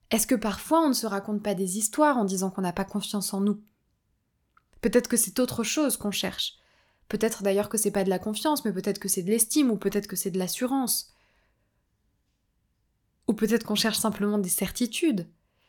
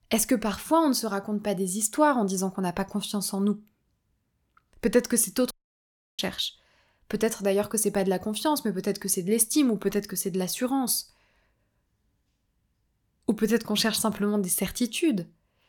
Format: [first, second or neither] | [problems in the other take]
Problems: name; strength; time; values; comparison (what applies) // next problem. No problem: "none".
first | audio cutting out; at 5.5 s for 0.5 s